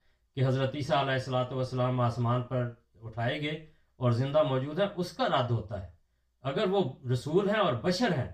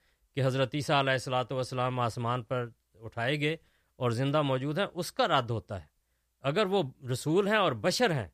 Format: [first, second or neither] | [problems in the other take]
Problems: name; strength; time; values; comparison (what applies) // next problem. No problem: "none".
second | room echo; very slight; dies away in 0.3 s // off-mic speech; far